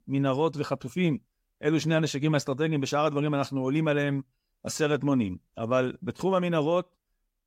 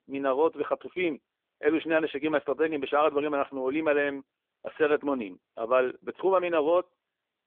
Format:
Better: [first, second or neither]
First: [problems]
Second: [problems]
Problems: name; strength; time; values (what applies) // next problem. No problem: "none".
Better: first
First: none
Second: phone-call audio; nothing above 3.5 kHz